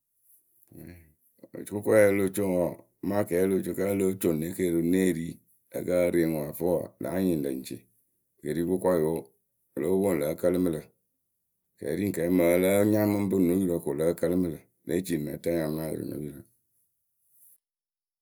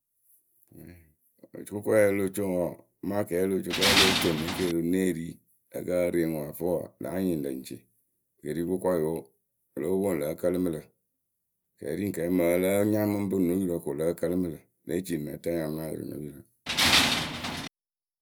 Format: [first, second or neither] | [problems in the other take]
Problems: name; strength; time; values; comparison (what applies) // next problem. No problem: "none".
first | background sound (Tools); 4 dB above the speech